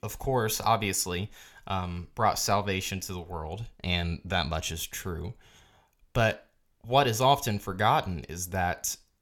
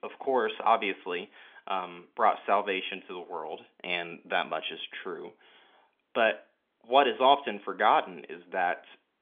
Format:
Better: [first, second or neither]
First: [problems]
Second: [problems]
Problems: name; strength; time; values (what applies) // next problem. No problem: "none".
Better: first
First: none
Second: phone-call audio; nothing above 3.5 kHz